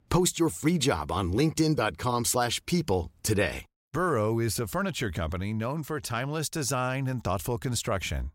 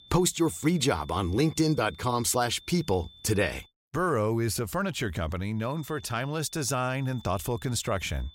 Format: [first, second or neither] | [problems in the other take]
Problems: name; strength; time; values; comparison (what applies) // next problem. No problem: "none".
first | high-pitched whine; faint; until 3.5 s and from 5.5 s on; 3.5 kHz, 25 dB below the speech